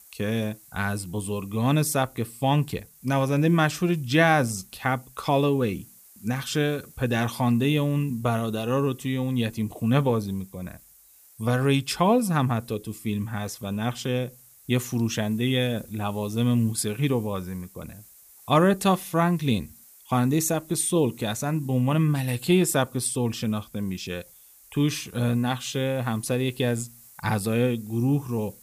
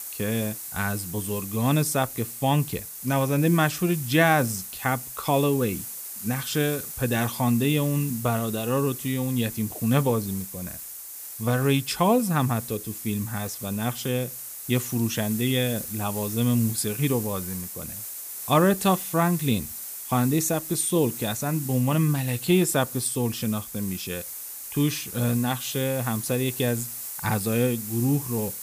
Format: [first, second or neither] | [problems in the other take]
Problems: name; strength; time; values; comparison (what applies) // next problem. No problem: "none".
first | hiss; loud; throughout; 8 dB below the speech; faint in the first